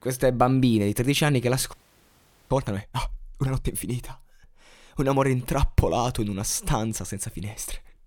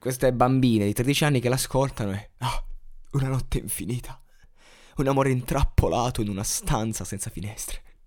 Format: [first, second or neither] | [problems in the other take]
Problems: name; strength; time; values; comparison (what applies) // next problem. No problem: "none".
second | audio freezing; at 1.5 s for 1 s